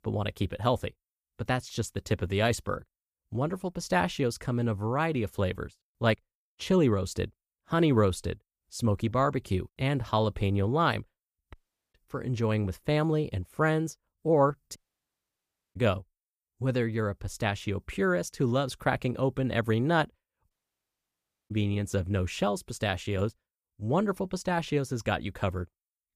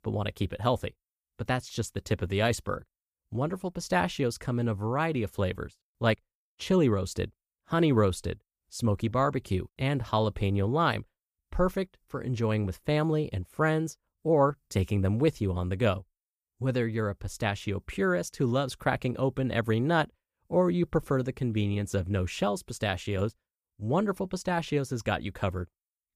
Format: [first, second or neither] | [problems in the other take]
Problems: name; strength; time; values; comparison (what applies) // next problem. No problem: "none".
second | audio cutting out; at 12 s, at 15 s for 1 s and at 21 s for 1 s